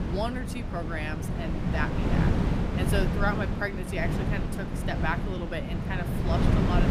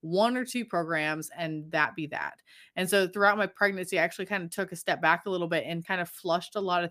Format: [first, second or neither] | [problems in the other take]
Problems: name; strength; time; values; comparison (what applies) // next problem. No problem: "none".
second | wind noise on the microphone; heavy; 2 dB below the speech